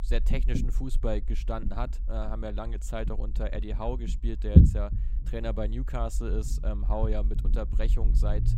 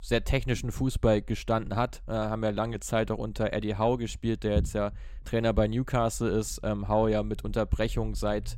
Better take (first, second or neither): second